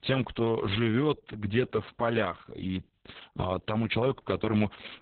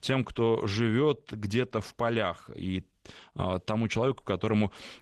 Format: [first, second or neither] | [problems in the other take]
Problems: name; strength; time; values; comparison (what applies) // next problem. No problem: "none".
second | garbled, watery; badly; nothing above 4 kHz; slightly in the second